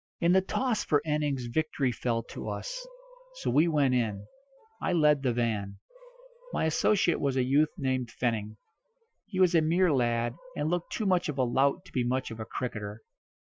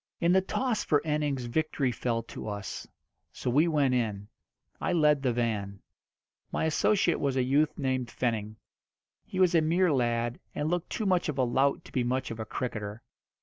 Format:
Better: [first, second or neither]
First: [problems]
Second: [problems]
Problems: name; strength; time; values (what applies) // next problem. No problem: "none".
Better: second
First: noise reduction (classical method Wiener filter)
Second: none